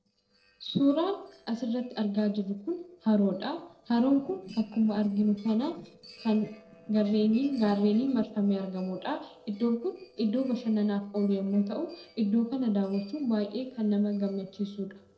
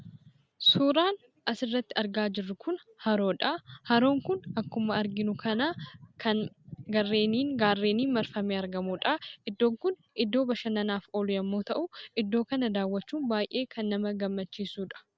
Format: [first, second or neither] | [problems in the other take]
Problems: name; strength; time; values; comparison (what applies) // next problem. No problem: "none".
second | noise reduction (neural separator model SepFormer DNS4)